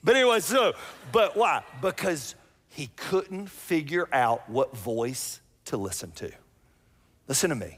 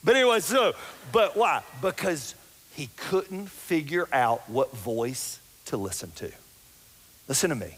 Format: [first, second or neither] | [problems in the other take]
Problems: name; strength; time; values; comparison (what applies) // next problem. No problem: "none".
first | hiss; faint; throughout; 25 dB below the speech